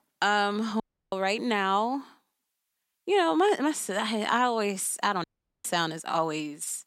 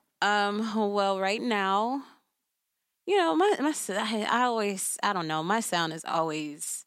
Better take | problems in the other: second | audio cutting out; at 1 s and at 5 s

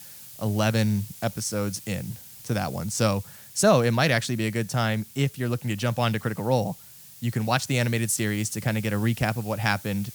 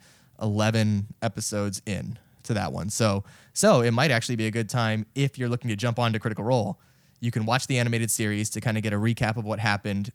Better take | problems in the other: second | hiss; noticeable; throughout; 15 dB below the speech

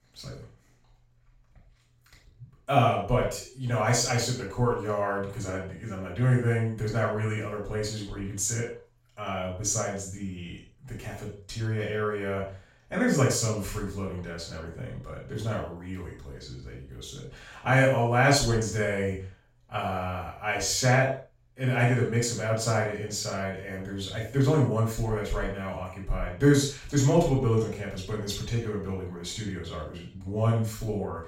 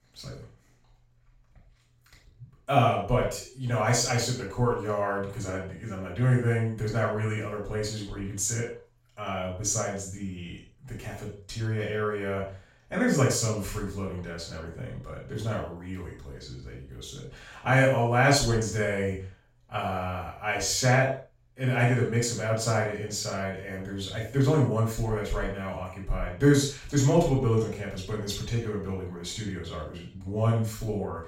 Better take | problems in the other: neither | room echo; noticeable; dies away in 0.4 s; the same in both // off-mic speech; far; the same in both

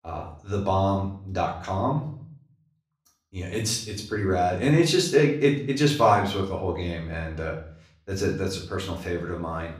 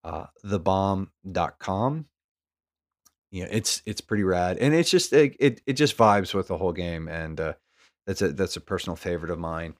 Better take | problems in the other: second | room echo; slight; dies away in 0.5 s // off-mic speech; far

